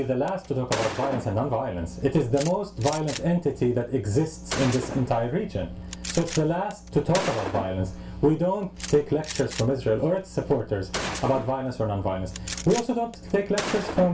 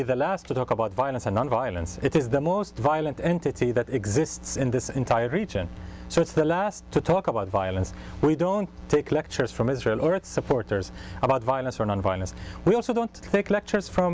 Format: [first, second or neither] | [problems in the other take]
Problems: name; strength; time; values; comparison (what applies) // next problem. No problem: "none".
second | background sound (Gunshot, gunfire); 11 dB below the speech // room echo; dies away in 0.3 s